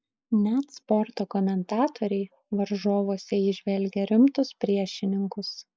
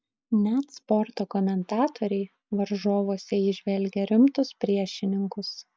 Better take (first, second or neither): second